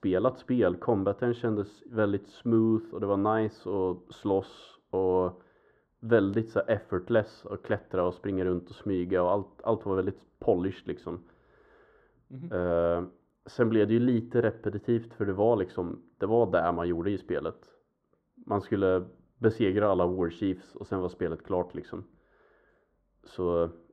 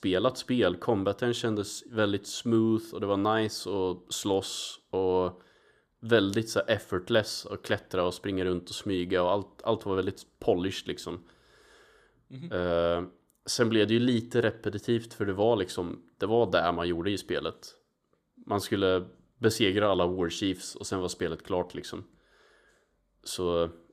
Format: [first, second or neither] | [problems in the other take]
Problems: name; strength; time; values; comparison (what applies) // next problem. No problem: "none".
second | muffled; very; fading above 3 kHz